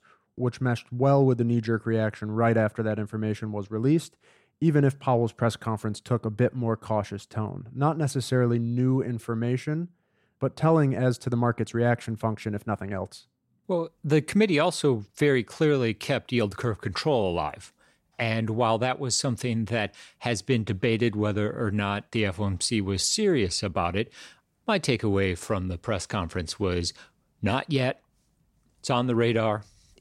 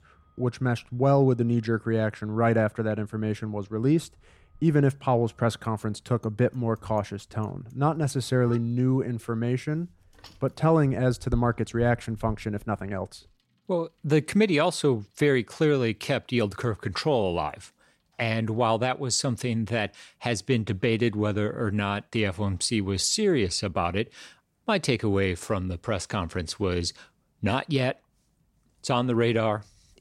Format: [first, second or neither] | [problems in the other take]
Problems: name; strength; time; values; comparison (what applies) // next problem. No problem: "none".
first | traffic noise; faint; until 19 s; 20 dB below the speech